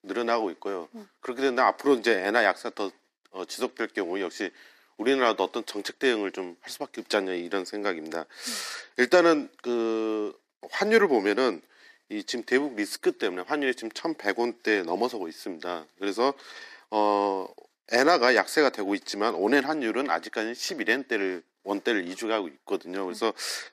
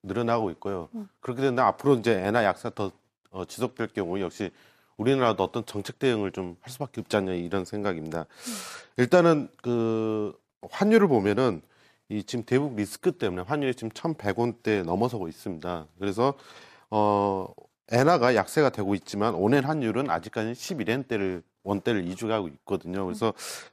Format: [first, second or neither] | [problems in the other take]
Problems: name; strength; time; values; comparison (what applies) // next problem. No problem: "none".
second | thin; very slightly; fading below 300 Hz